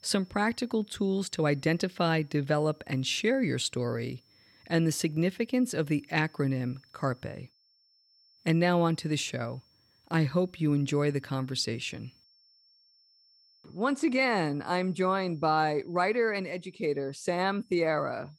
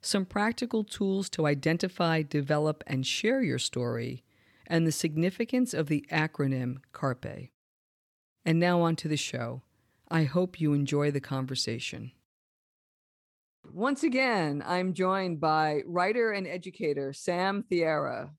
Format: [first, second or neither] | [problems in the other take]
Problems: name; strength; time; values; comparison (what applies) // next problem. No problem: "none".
second | high-pitched whine; faint; throughout; 5.5 kHz, 35 dB below the speech